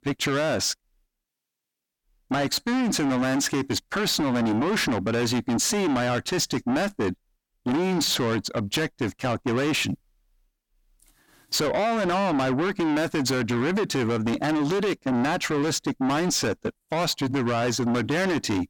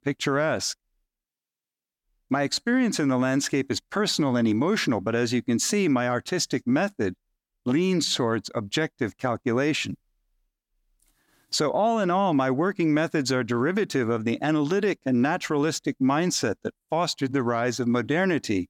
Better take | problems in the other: second | distortion; heavy; 7 dB below the speech

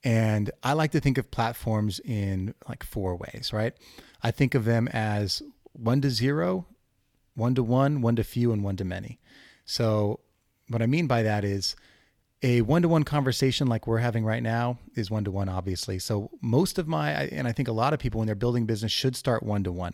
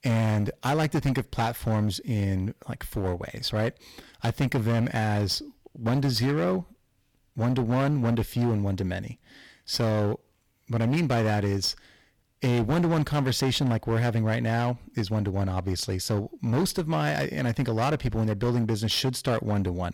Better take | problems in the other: first | distortion; slight; 13% of the sound clipped

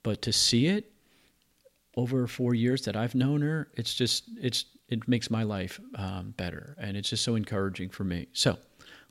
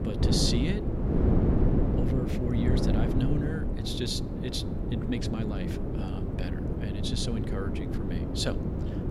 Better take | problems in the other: first | wind noise on the microphone; heavy; as loud as the speech

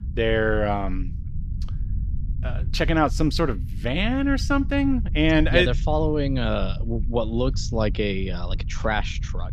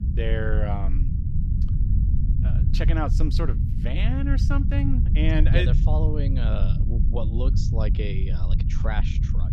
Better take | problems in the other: first | low rumble; loud; throughout; 6 dB below the speech; faint in the first

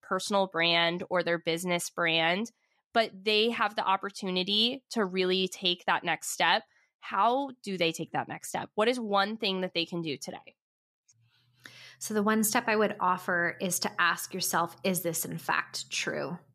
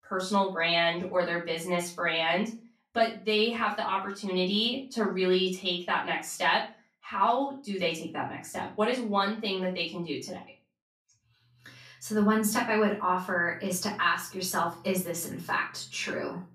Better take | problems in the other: first | off-mic speech; far // room echo; slight; dies away in 0.3 s

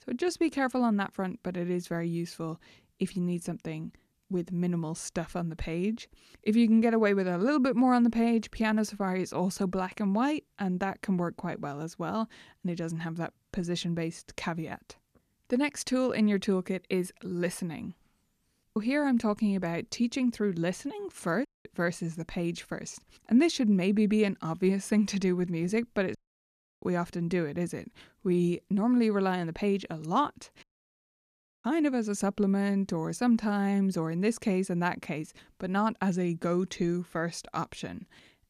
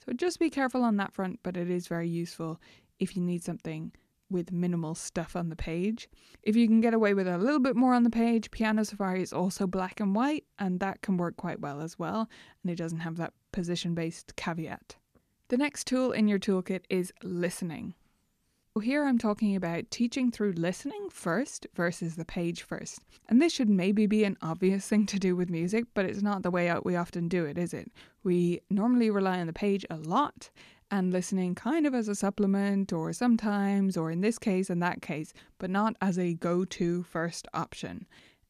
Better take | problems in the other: second | audio cutting out; at 21 s, at 26 s for 0.5 s and at 31 s for 1 s

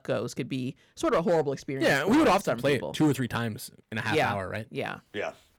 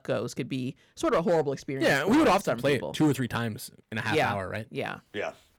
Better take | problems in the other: neither | distortion; heavy; 6% of the sound clipped; the same in both

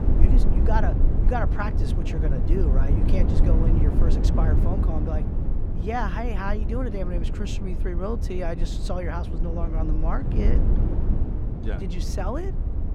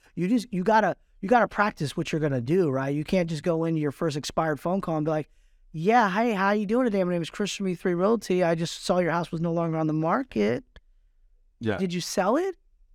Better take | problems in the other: second | low rumble; loud; throughout; 4 dB below the speech

